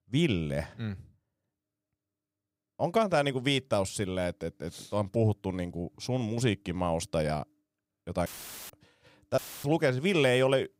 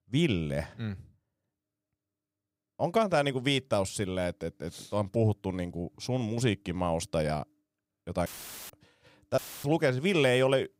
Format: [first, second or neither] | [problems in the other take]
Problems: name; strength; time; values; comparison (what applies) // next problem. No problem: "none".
neither | audio cutting out; filled with static; at 8.5 s and at 9.5 s; the same in both